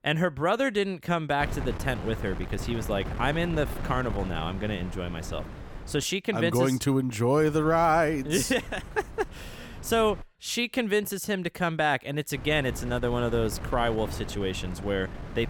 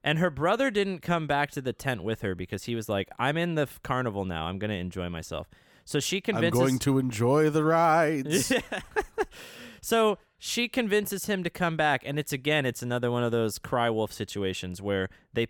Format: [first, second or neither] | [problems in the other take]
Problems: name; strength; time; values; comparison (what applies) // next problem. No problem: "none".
second | wind noise on the microphone; occasional gusts; from 1.5 to 6 s, from 7.5 to 10 s and from 12 s on; 15 dB below the speech